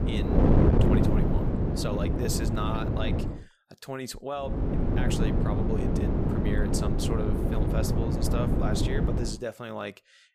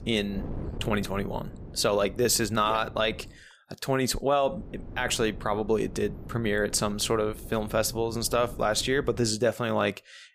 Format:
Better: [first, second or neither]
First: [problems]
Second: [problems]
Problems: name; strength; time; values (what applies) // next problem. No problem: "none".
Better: second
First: wind noise on the microphone; heavy; until 3.5 s and from 4.5 to 9.5 s; 3 dB above the speech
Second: wind noise on the microphone; occasional gusts; until 3.5 s and from 4.5 to 9.5 s; 20 dB below the speech